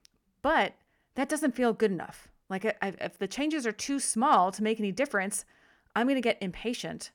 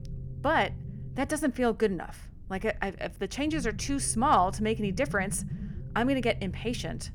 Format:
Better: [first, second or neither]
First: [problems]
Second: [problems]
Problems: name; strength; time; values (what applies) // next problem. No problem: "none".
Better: first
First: none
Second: low rumble; faint; throughout; 20 dB below the speech